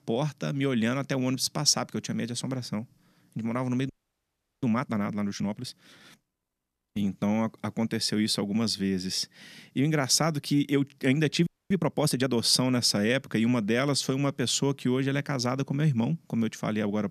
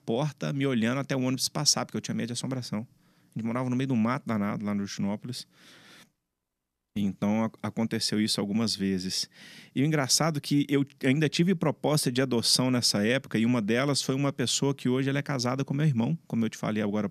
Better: second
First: audio freezing; at 4 s for 0.5 s and at 11 s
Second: none

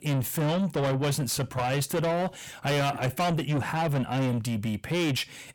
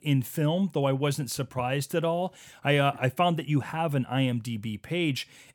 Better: second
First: distortion; heavy; 7 dB below the speech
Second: none

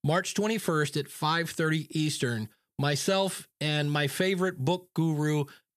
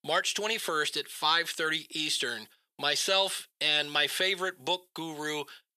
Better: first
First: none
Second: thin; very; fading below 500 Hz

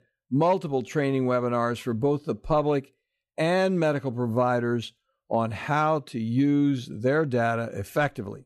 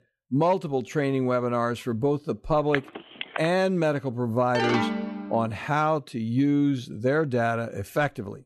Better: first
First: none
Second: phone ringing; noticeable; at 2.5 s; peak 7 dB below the speech // phone ringing; loud; at 4.5 s; peak level with the speech

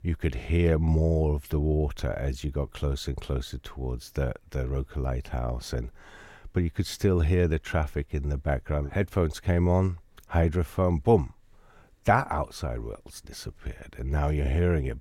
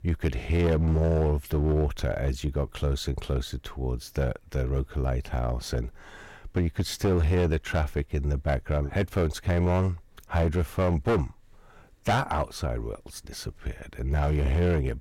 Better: first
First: none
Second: distortion; slight; 9% of the sound clipped

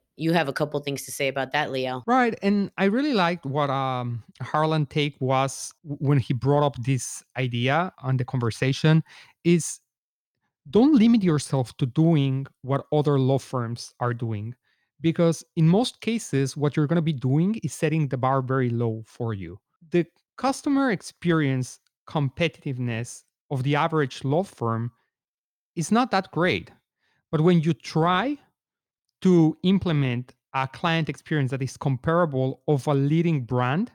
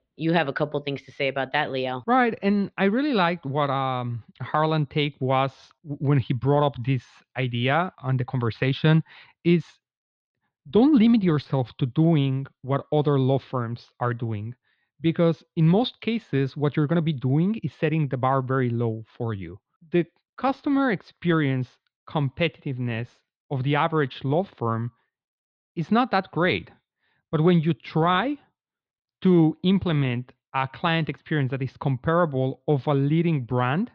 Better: first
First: none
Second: muffled; slightly; fading above 4 kHz

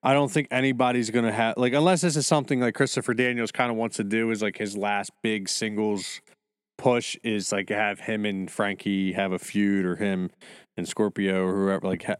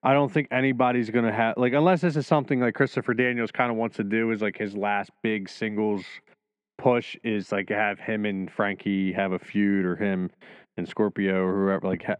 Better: first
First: none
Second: muffled; very; fading above 2 kHz

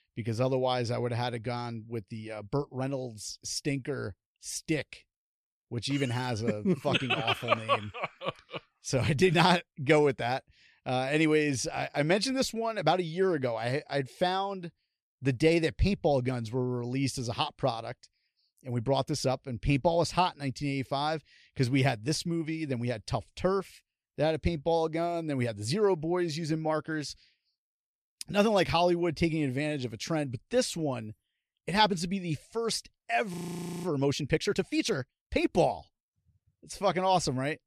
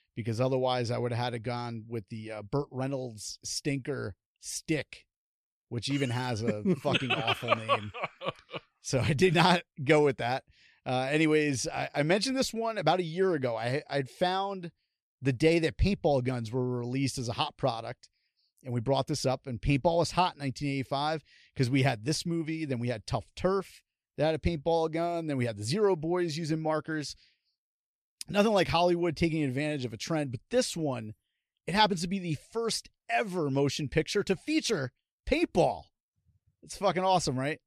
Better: second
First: audio freezing; at 33 s for 0.5 s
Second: none

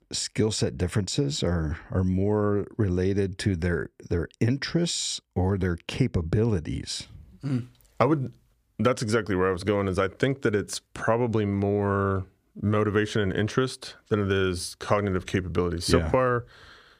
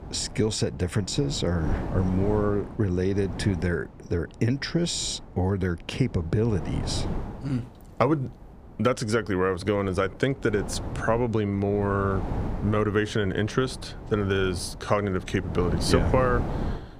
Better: first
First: none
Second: wind noise on the microphone; occasional gusts; 10 dB below the speech

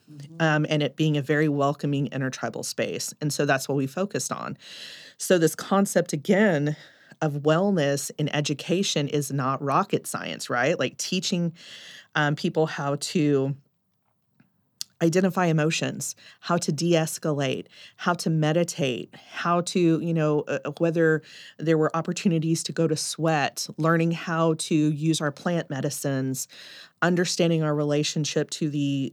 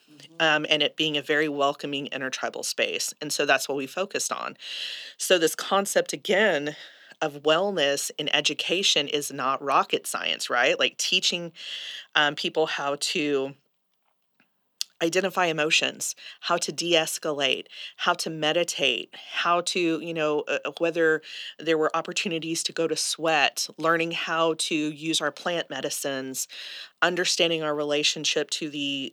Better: first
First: none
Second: thin; somewhat; fading below 400 Hz

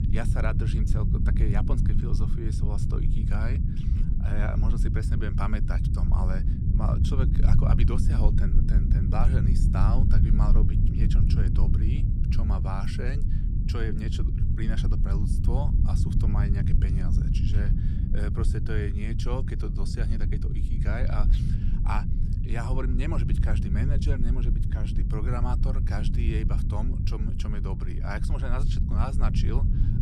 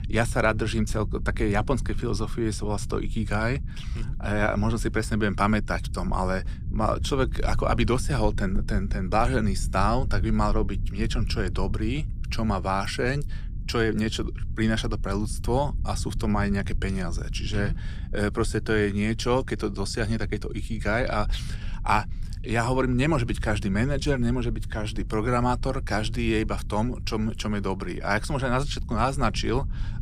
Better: second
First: low rumble; loud; throughout; 2 dB below the speech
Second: low rumble; faint; throughout; 20 dB below the speech

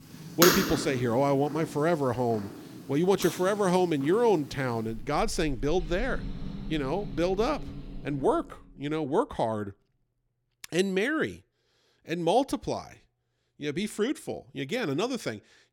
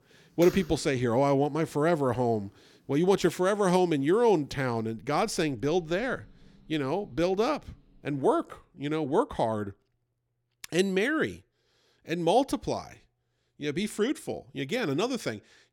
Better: second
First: animal sounds; loud; until 8 s; 6 dB below the speech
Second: animal sounds; faint; until 8 s; 25 dB below the speech

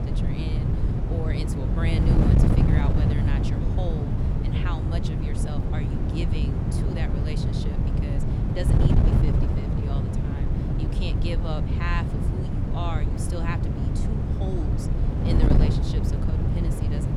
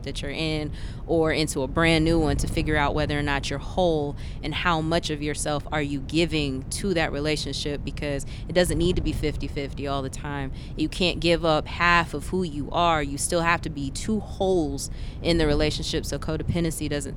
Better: second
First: wind noise on the microphone; heavy; 3 dB above the speech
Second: wind noise on the microphone; occasional gusts; 20 dB below the speech

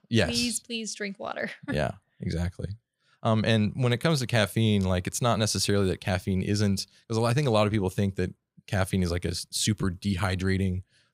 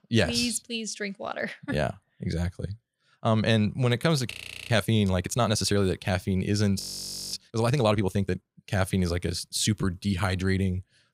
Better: first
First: none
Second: audio freezing; at 4.5 s and at 7 s for 0.5 s

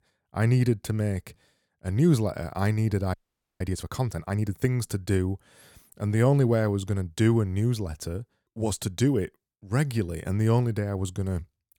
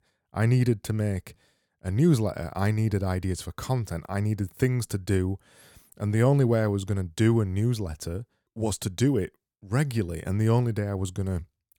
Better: second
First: audio freezing; at 3 s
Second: none

